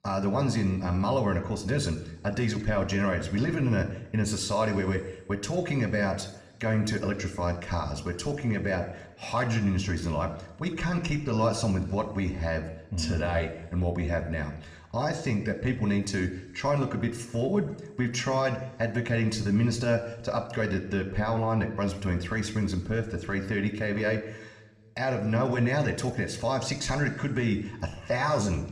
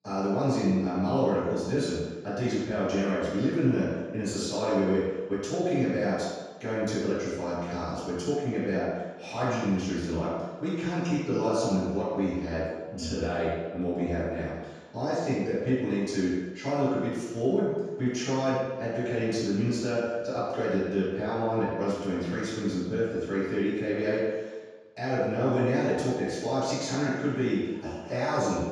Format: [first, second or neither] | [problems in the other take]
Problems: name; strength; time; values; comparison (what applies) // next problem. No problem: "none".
first | room echo; strong; dies away in 1.2 s; slight in the first // off-mic speech; far